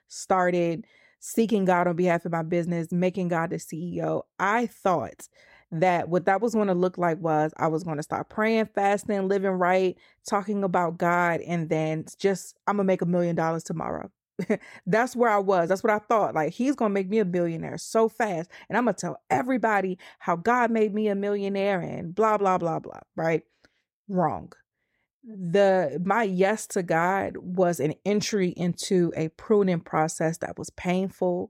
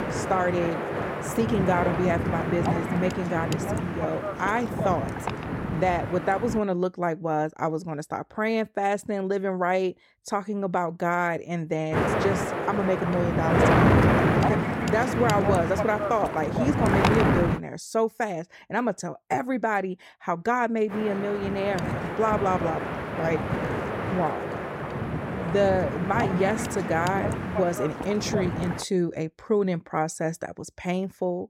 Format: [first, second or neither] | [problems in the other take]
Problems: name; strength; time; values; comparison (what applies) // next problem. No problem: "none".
first | wind noise on the microphone; heavy; until 6.5 s, from 12 to 18 s and from 21 to 29 s; 1 dB below the speech